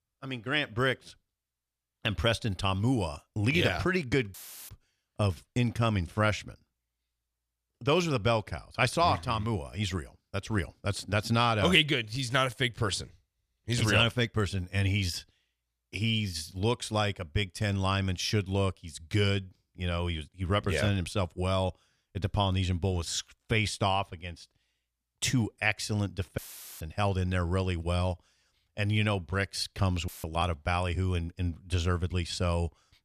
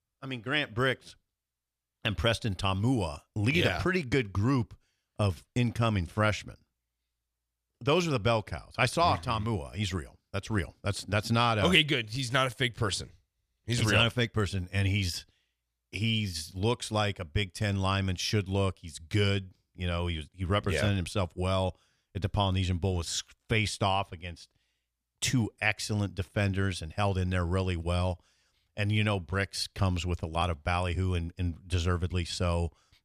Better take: second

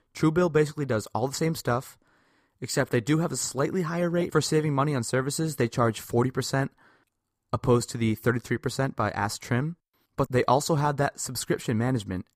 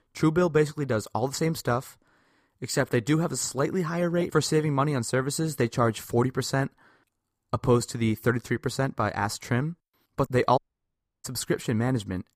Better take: first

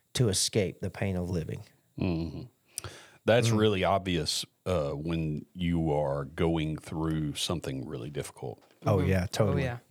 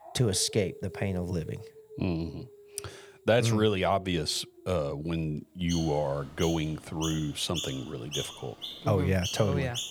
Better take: first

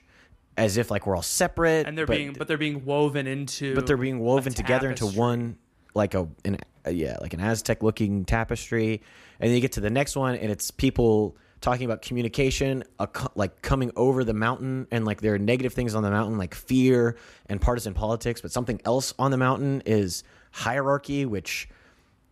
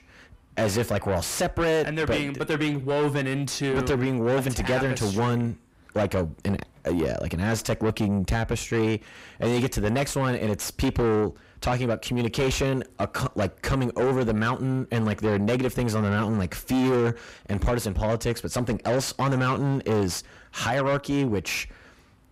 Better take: first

